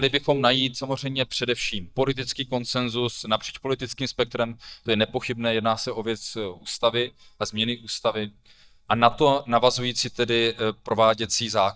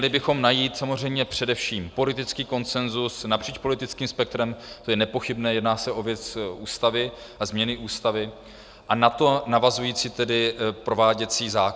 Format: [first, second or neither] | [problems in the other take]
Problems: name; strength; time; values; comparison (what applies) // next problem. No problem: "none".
second | noise reduction (neural mask model DeepFilterNet 3)